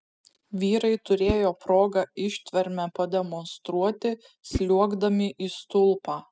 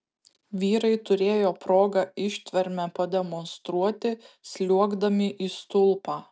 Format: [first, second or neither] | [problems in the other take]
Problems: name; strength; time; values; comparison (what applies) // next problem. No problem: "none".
second | noise reduction (classical method spectral subtraction)